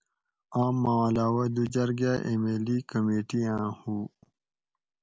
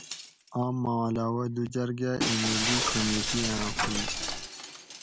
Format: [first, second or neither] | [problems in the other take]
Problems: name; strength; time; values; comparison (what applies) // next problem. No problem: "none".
first | background sound (Shatter + Coin (dropping)); 1 dB below the speech